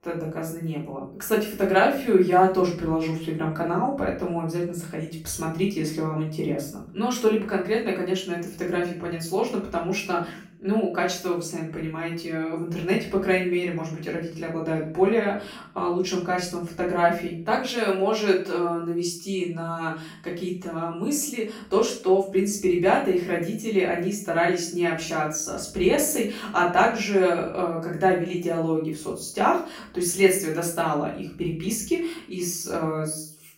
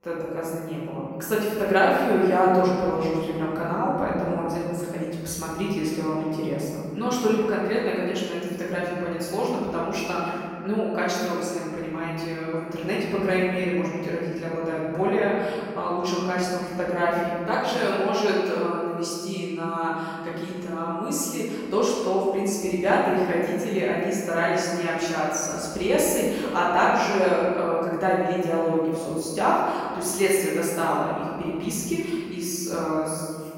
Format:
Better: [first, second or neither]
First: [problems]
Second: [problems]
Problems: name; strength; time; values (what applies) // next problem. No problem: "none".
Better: first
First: room echo; slight; dies away in 0.4 s // off-mic speech; far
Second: room echo; strong; dies away in 2.1 s // off-mic speech; far